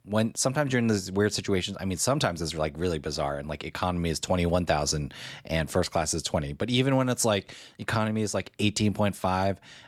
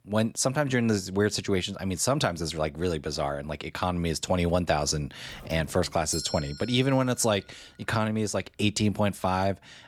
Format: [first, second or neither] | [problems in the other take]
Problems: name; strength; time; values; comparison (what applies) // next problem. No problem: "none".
first | doorbell; noticeable; from 5.5 to 7 s; peak 7 dB below the speech